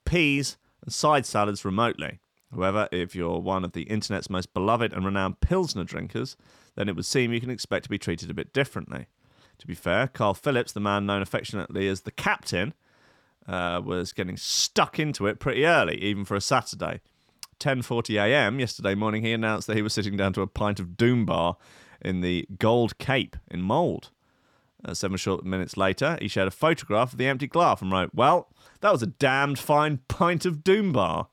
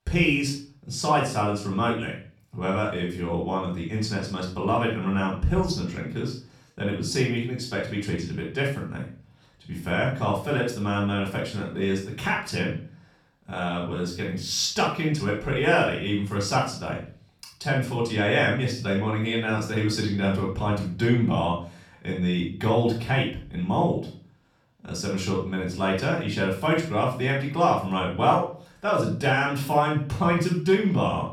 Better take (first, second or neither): first